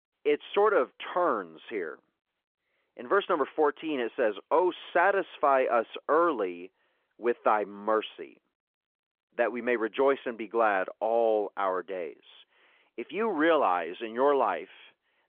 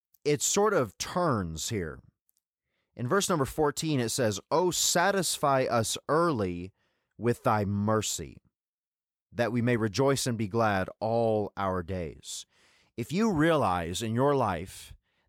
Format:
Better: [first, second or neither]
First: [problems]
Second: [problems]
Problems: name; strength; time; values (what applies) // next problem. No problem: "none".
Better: second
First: phone-call audio; nothing above 3.5 kHz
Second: none